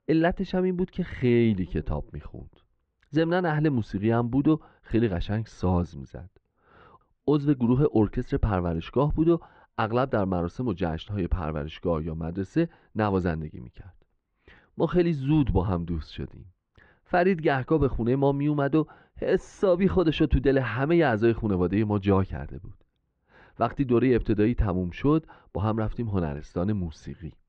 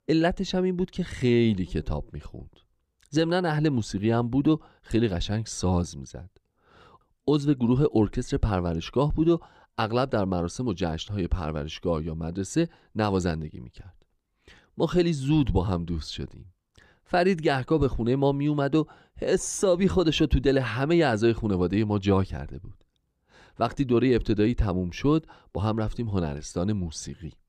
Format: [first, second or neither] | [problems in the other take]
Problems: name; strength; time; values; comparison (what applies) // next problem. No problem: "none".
second | muffled; slightly; fading above 2 kHz